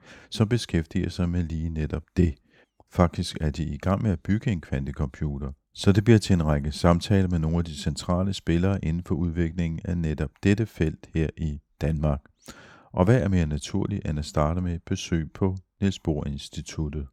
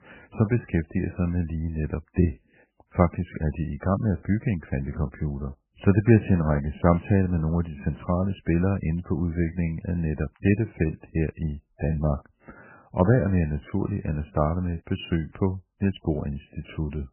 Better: first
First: none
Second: garbled, watery; badly; nothing above 3 kHz

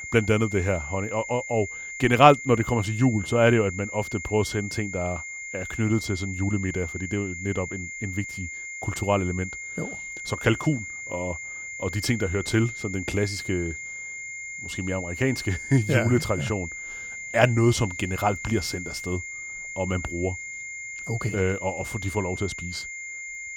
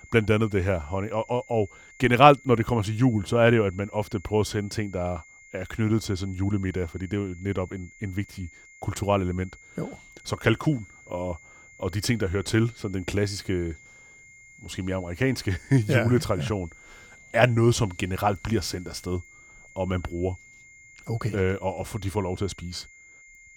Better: second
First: high-pitched whine; loud; throughout; 2 kHz, 8 dB below the speech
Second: high-pitched whine; faint; throughout; 2 kHz, 25 dB below the speech

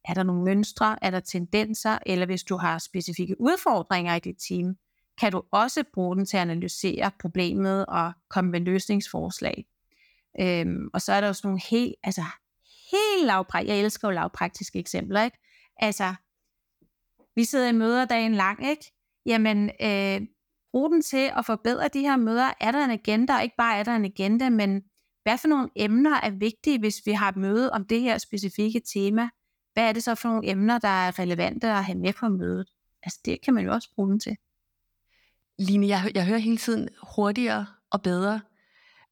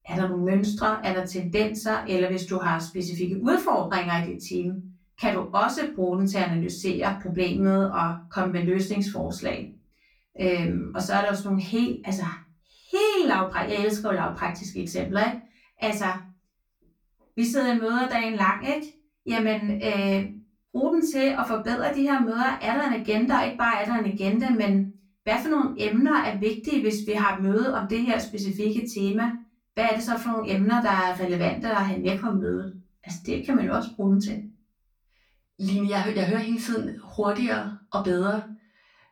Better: first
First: none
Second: off-mic speech; far // room echo; very slight; dies away in 0.2 s

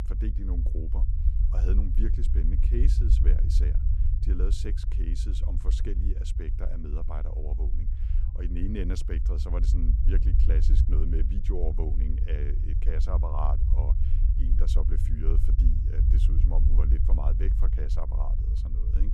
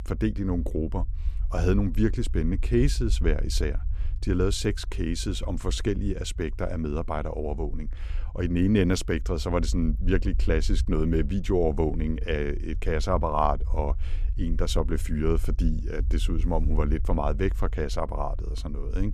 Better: second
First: low rumble; loud; throughout; 4 dB below the speech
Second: low rumble; faint; throughout; 25 dB below the speech

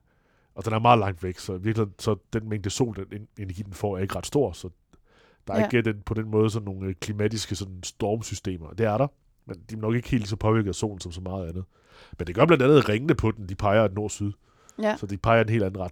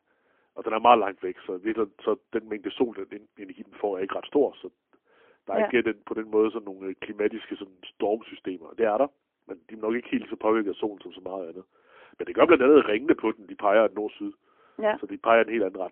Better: first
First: none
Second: phone-call audio; poor line; nothing above 3 kHz

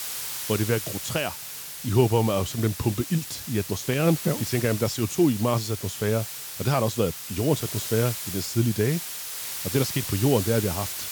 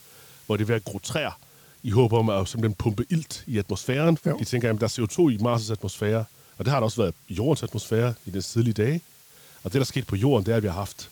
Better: second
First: hiss; loud; throughout; 6 dB below the speech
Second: hiss; faint; throughout; 25 dB below the speech

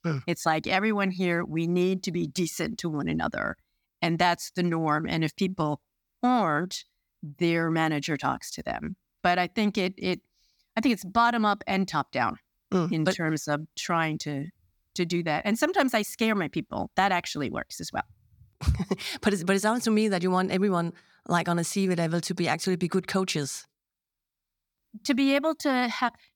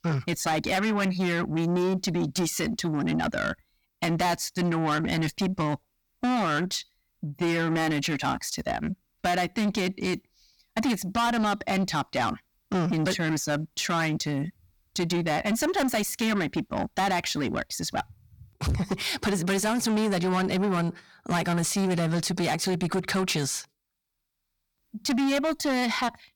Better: first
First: none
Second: distortion; heavy; 7 dB below the speech

